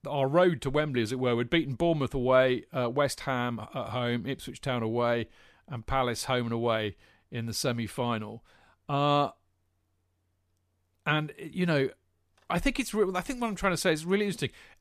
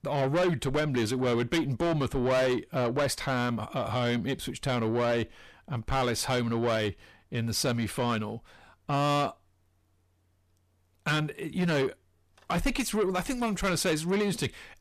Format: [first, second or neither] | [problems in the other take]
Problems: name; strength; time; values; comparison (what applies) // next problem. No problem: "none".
first | distortion; heavy; 8 dB below the speech